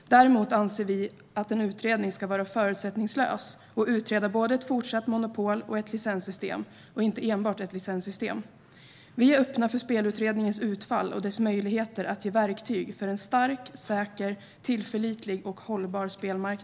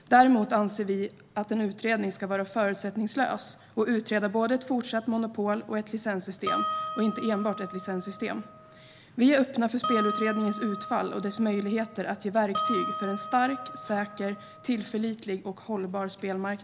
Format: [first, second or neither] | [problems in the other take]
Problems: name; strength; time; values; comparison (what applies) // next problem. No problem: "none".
first | background sound (Harp); 7 dB below the speech